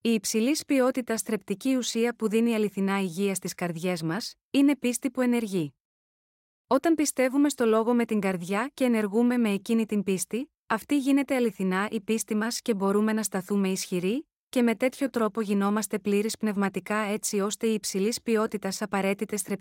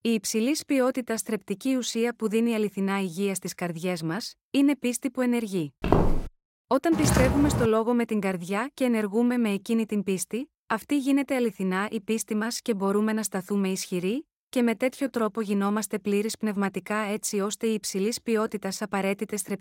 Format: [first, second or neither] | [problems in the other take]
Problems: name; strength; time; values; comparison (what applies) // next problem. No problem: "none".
first | footsteps; loud; at 6 s and at 7 s; peak 3 dB above the speech